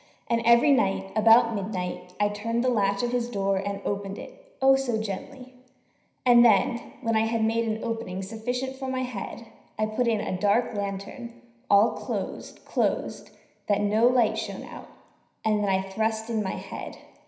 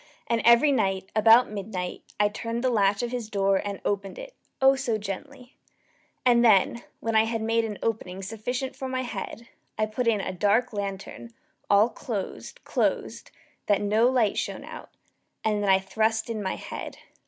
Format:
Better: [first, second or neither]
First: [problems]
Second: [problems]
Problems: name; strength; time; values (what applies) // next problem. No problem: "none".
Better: second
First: room echo; dies away in 0.9 s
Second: none